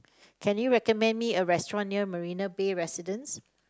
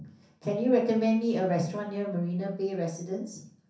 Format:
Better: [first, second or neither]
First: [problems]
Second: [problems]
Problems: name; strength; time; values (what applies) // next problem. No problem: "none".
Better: first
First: none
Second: room echo; dies away in 0.6 s